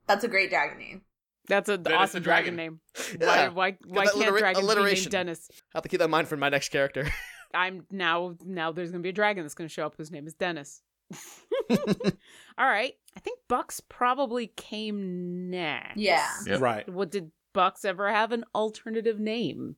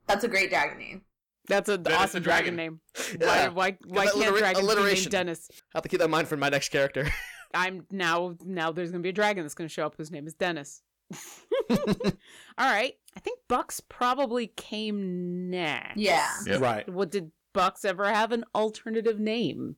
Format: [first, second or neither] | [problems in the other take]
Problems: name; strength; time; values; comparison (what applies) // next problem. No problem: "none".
first | distortion; slight; 4% of the sound clipped